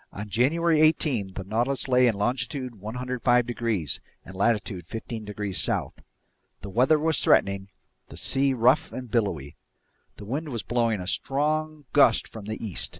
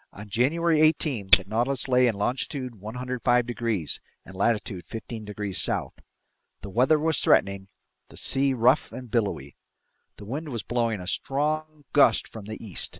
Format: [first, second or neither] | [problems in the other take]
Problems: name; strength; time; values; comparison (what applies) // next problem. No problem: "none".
first | noise reduction (neural separator model SepFormer WHAM!)